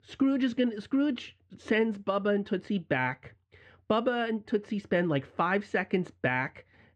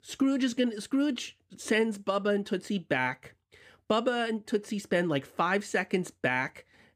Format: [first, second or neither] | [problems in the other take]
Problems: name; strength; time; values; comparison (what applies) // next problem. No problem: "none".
second | muffled; slightly; fading above 3 kHz